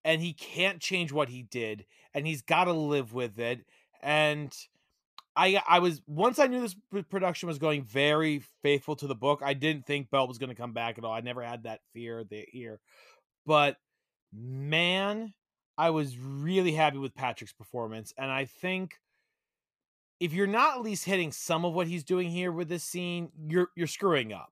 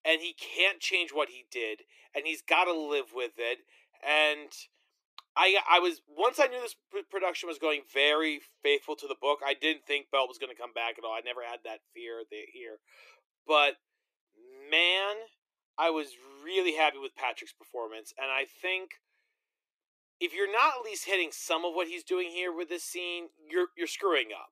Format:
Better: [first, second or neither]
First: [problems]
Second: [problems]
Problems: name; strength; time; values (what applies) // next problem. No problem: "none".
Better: first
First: none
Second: thin; very; fading below 300 Hz